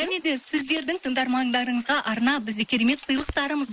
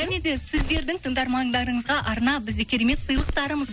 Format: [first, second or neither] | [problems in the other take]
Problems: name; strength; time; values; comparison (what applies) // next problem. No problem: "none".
second | noise reduction (neural mask model Resemble Enhance denoiser)